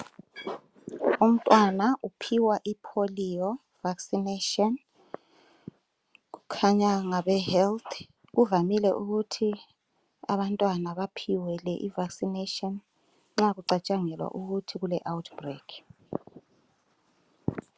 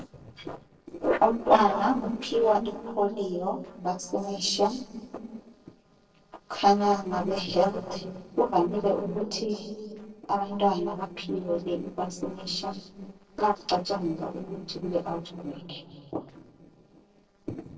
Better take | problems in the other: first | noise reduction (neural separator model SepFormer DNS4)

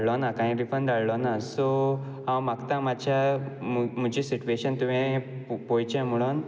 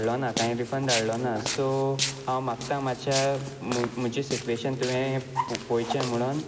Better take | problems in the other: first | background sound (Walk, footsteps); 7 dB below the speech

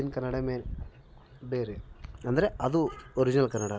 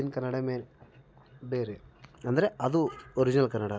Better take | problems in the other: second | background sound (Bird); 14 dB below the speech

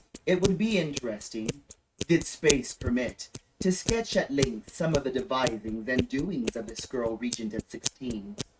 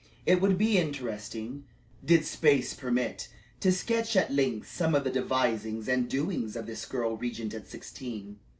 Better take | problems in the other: second | noise reduction (neural mask model RNNoise)

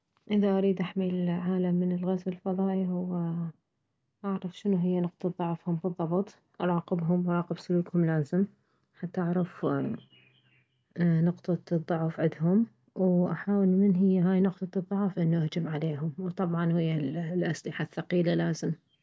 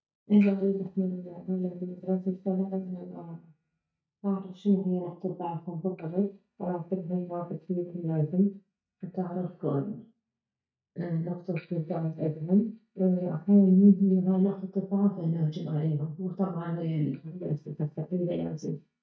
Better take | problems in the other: first | noise reduction (neural mask model DeepFilterNet 3)

